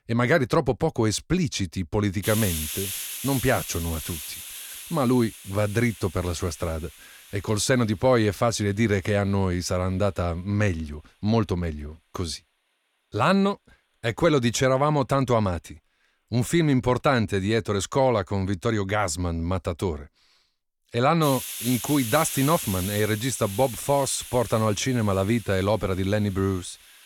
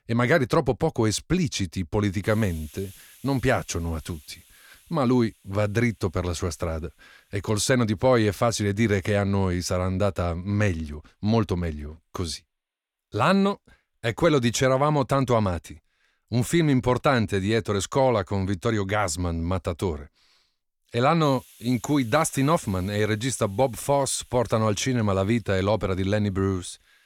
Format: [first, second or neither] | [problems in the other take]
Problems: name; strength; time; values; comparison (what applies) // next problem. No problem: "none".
second | hiss; loud; throughout; 10 dB below the speech; faint in the second